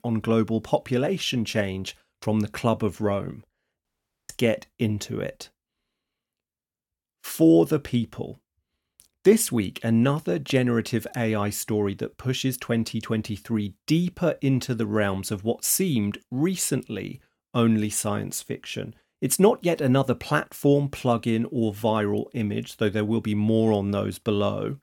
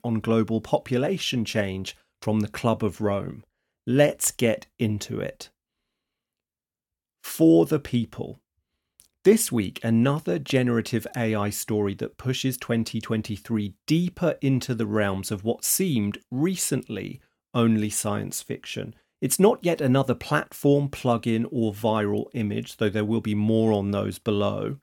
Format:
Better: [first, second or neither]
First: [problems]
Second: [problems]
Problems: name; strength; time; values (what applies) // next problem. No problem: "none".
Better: second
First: audio cutting out; at 4 s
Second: none